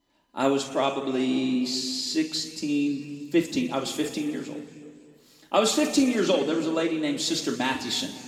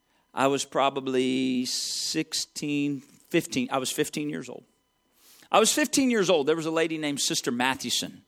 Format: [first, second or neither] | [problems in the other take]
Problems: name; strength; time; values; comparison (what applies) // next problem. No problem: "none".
second | room echo; noticeable; dies away in 1.9 s // off-mic speech; somewhat distant